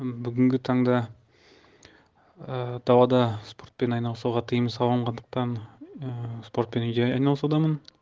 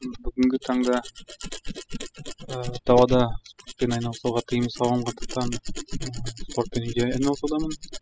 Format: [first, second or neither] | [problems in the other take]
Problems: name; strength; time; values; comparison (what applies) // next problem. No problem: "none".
first | noise reduction (classical method spectral subtraction)